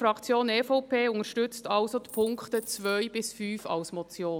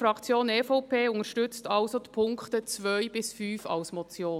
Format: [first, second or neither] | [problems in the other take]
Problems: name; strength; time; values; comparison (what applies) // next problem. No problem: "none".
second | background sound (Coin (dropping)); 19 dB below the speech